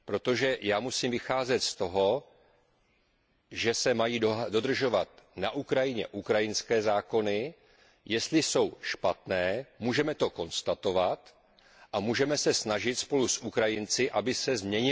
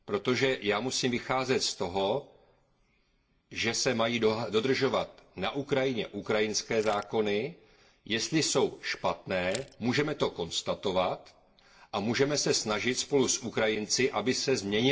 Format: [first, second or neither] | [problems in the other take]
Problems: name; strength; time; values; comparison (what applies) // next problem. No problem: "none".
first | noise reduction (neural separator model SepFormer DNS4)